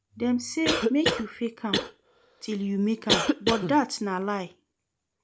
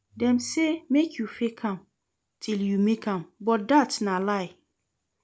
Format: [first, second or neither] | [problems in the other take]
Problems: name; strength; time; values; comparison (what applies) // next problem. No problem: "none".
second | background sound (Cough); 1 dB below the speech